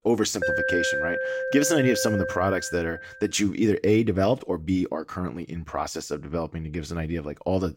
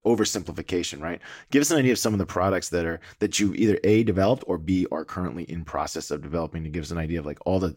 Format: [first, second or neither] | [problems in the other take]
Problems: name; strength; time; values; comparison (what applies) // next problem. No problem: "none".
second | alarm; loud; until 3 s; peak 2 dB above the speech